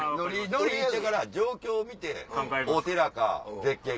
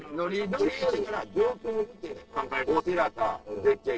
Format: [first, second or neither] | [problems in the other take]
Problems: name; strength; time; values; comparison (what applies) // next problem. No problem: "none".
first | noise reduction (neural separator model SepFormer DNS4)